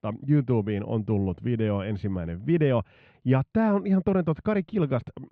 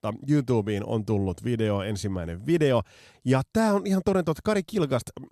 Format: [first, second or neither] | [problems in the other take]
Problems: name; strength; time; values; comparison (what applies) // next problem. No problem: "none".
second | muffled; very; fading above 2.5 kHz